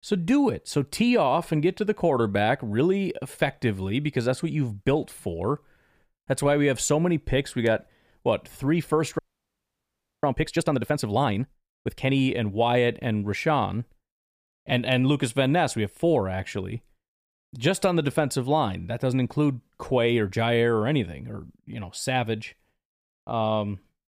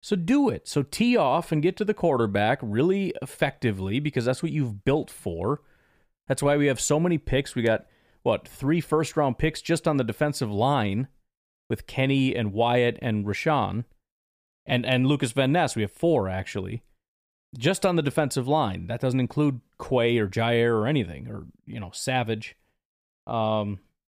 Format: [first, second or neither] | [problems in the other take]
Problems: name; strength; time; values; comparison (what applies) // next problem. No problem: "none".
second | audio freezing; at 9 s for 1 s